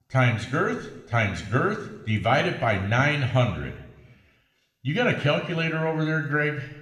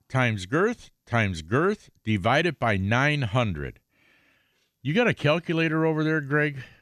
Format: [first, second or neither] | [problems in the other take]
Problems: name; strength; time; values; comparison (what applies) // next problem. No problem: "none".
second | room echo; slight; dies away in 1 s // off-mic speech; somewhat distant